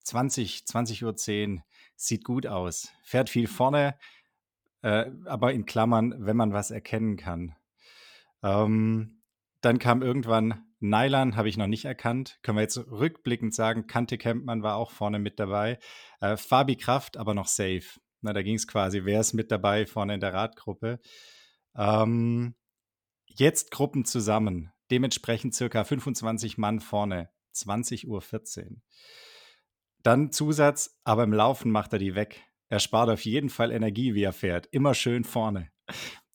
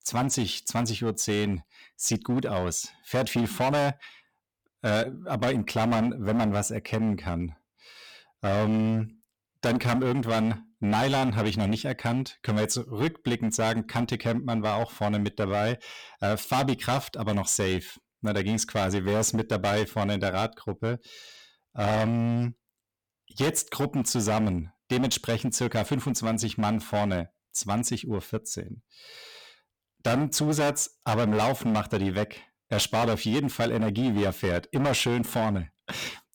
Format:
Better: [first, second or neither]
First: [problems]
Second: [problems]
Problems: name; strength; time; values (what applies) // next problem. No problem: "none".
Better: first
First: none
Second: distortion; heavy; 14% of the sound clipped